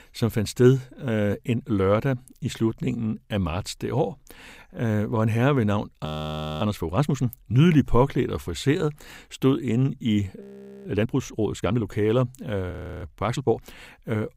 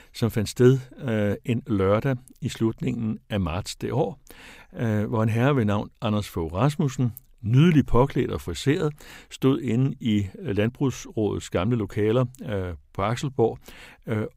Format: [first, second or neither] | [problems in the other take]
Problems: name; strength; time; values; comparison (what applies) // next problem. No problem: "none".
second | audio freezing; at 6 s for 0.5 s, at 10 s and at 13 s